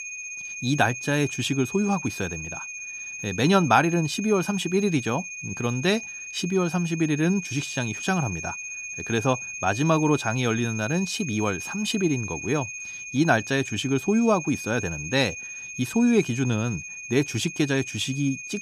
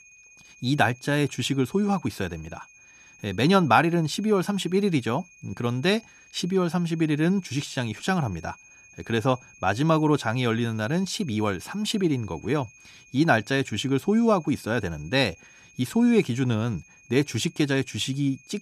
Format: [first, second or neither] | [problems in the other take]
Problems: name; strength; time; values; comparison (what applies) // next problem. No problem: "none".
second | high-pitched whine; loud; throughout; 2.5 kHz, 8 dB below the speech; faint in the second